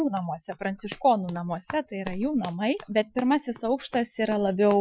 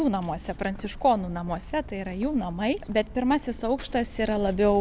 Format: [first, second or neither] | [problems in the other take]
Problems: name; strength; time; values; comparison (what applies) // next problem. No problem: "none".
second | noise reduction (classical method Wiener filter)